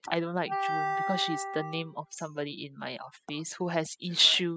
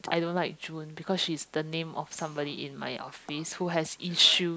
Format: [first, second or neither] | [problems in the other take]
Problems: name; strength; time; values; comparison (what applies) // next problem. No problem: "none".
second | noise reduction (classical method spectral subtraction)